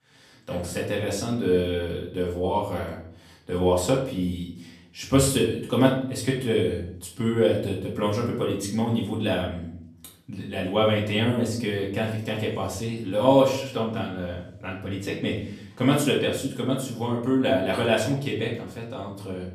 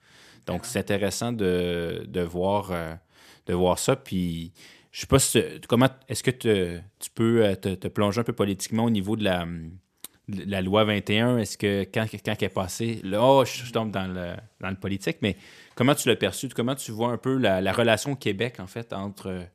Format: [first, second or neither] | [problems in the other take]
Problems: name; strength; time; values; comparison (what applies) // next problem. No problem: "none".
second | off-mic speech; far // room echo; slight; dies away in 0.6 s